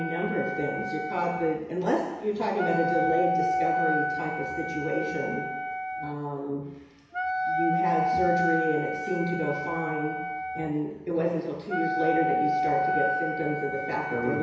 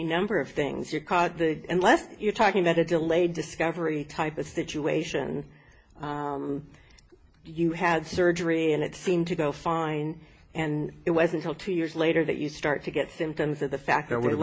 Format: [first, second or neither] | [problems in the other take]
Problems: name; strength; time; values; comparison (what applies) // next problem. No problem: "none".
second | background sound (Wind instrument, woodwind instrument); as loud as the speech // room echo; dies away in 1 s